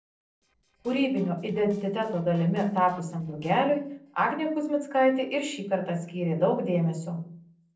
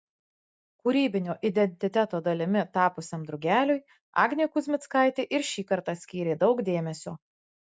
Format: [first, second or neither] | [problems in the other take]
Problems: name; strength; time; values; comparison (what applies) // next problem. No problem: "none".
second | noise reduction (neural separator model SepFormer DNS4)